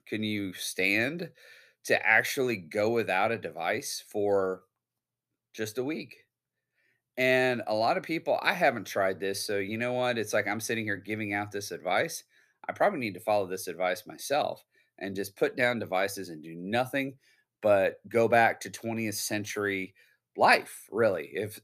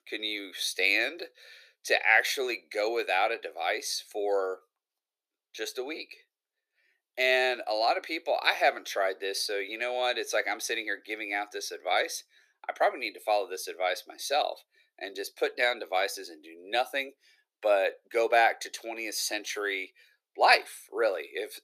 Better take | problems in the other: first | thin; very; fading below 350 Hz

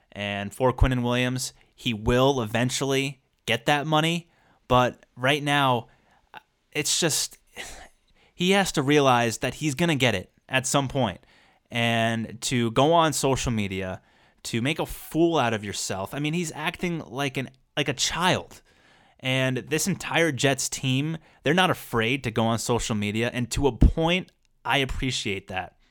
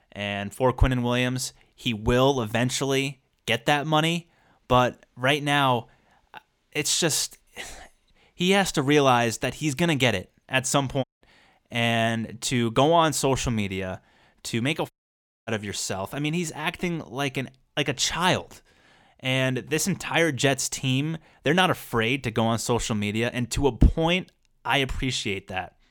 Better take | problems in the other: first | audio cutting out; at 11 s and at 15 s for 0.5 s

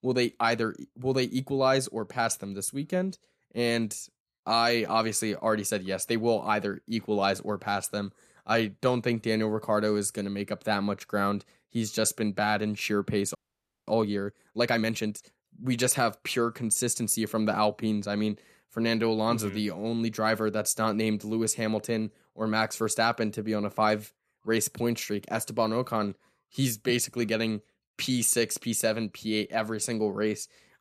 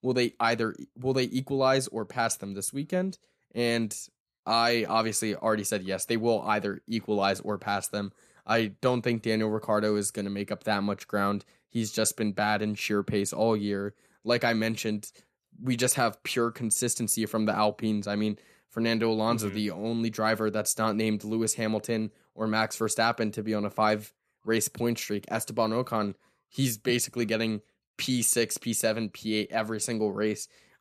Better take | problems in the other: second | audio freezing; at 13 s for 0.5 s

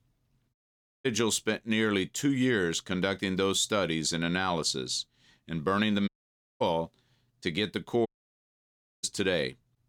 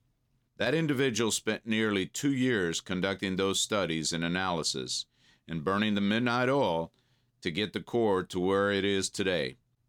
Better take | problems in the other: second | audio cutting out; at 0.5 s for 0.5 s, at 6 s for 0.5 s and at 8 s for 1 s

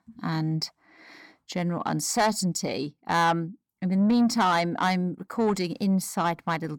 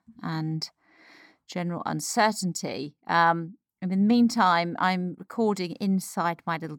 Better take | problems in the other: second | distortion; slight; 10 dB below the speech

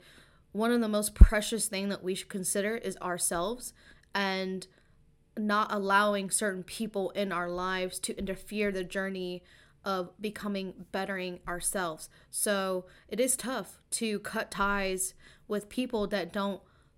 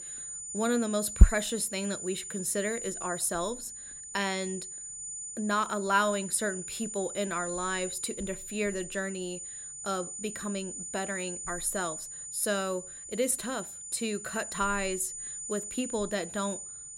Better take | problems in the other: first | high-pitched whine; loud; throughout; 7 kHz, 6 dB below the speech

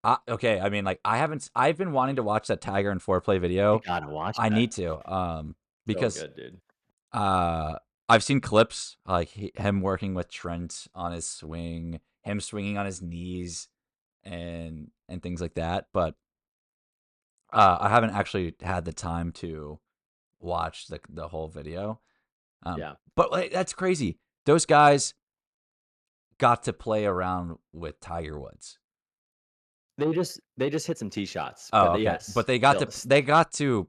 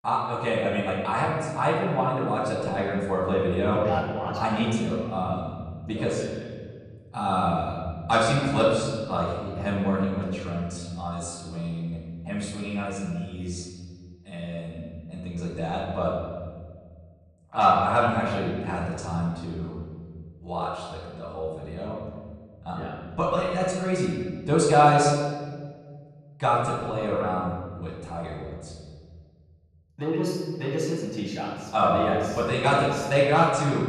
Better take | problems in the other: first | room echo; noticeable; dies away in 1.7 s // off-mic speech; far

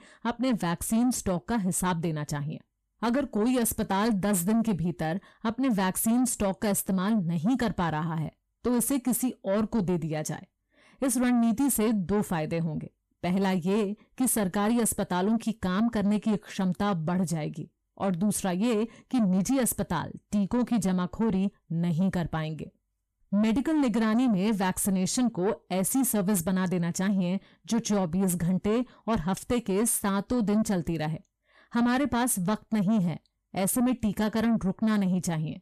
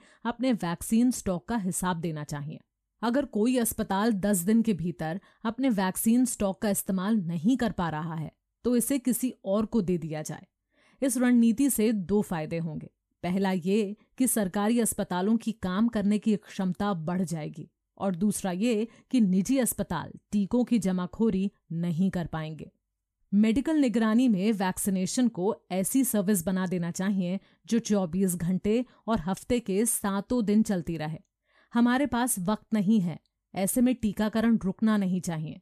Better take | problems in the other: second | distortion; slight; 10 dB below the speech

